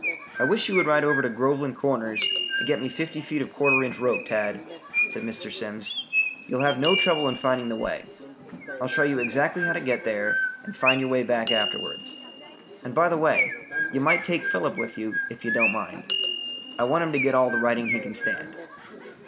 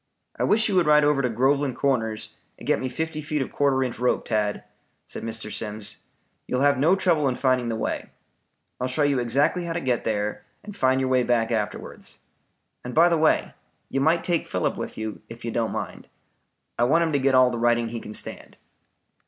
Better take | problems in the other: second | background sound (Door / Bell + Chirp, tweet); 3 dB below the speech

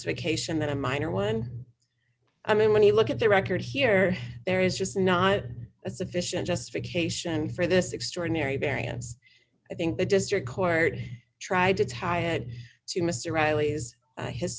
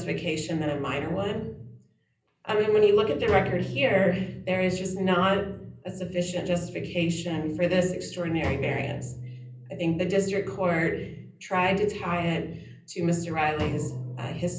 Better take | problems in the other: first | background sound (Drum); 13 dB below the speech // room echo; dies away in 0.6 s

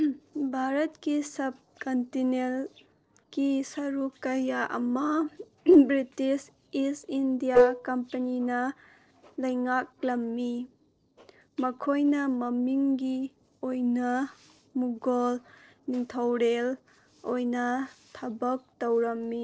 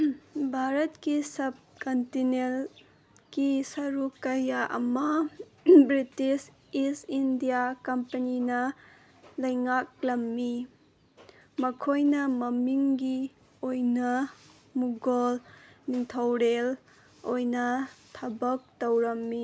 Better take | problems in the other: second | noise reduction (neural separator model SepFormer DNS4)

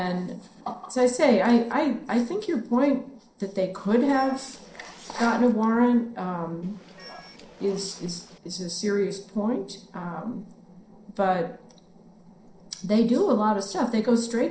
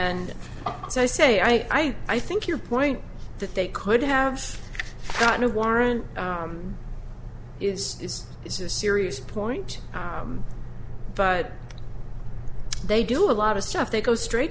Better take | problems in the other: second | noise reduction (neural separator model SepFormer DNS4)

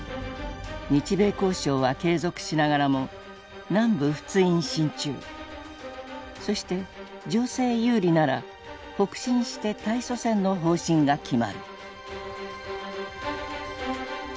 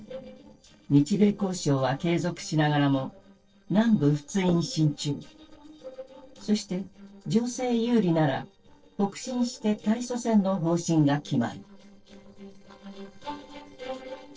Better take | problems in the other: first | noise reduction (neural separator model SepFormer DNS4)

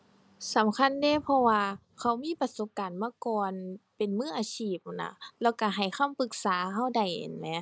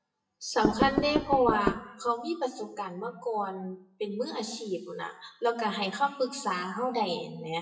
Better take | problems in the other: first | noise reduction (classical method WPE with log-MMSE)

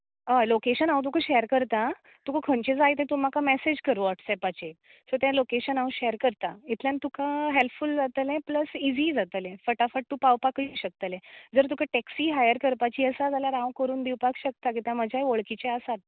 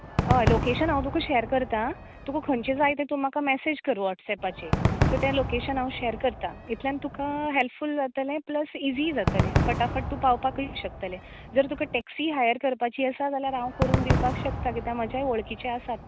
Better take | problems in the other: first | background sound (Crowd / Cheering / Fireworks); 3 dB below the speech

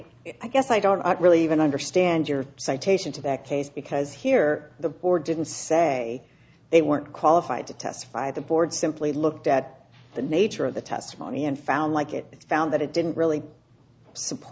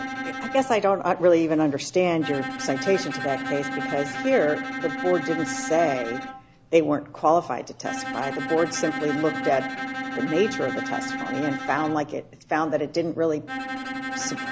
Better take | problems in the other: first | background sound (Bowed string instrument); 7 dB below the speech

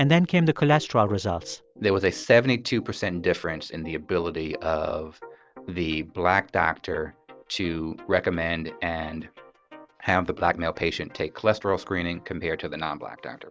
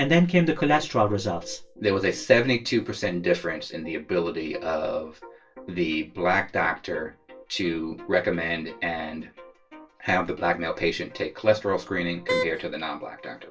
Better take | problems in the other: first | background sound (Wind instrument, woodwind instrument); 3 dB below the speech // room echo; dies away in 0.2 s

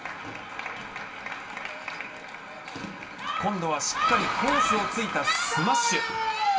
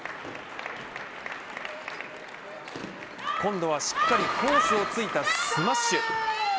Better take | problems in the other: second | room echo; dies away in 0.2 s

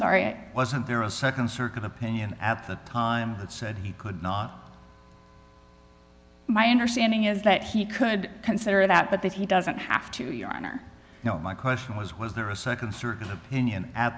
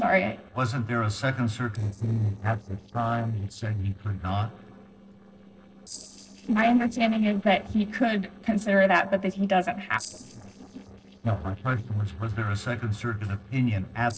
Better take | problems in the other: first | noise reduction (neural separator model SepFormer DNS4)

